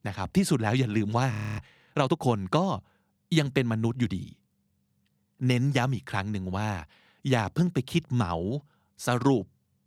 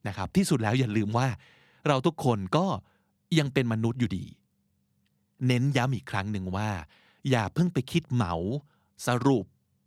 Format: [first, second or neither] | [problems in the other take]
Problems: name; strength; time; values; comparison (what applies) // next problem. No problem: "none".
second | audio freezing; at 1.5 s